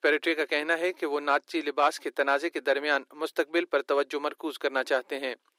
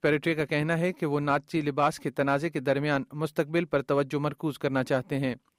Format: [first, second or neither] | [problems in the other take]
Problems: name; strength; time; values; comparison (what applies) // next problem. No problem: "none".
second | thin; somewhat; fading below 350 Hz